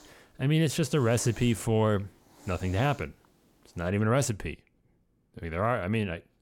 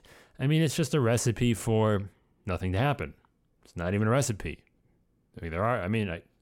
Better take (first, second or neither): second